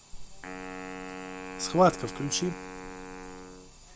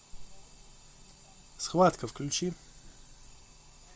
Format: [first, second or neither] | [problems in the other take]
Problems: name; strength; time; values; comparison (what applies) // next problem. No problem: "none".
second | background sound (Wind instrument, woodwind instrument); 10 dB below the speech